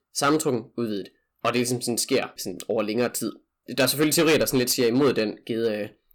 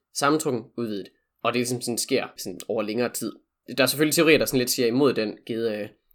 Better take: second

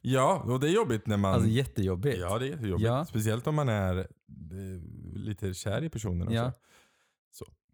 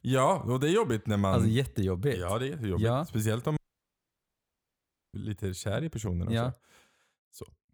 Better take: first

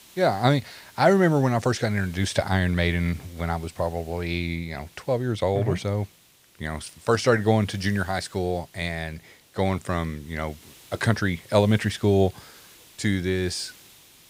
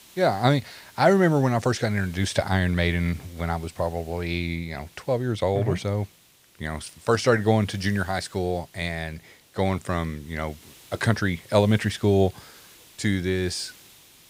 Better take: neither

